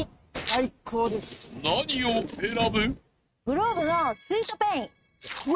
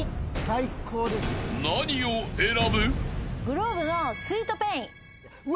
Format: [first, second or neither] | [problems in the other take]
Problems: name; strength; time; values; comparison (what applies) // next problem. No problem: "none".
second | noise reduction (neural mask model RNNoise)